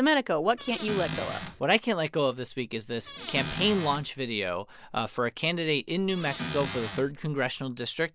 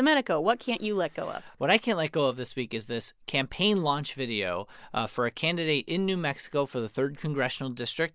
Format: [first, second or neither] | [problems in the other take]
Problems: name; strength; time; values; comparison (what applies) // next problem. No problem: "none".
second | background sound (Squeak / Cupboard open or close); 8 dB below the speech